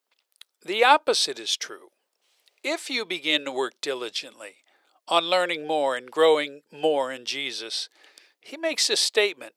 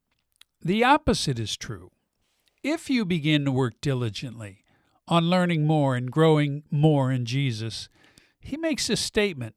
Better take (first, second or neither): second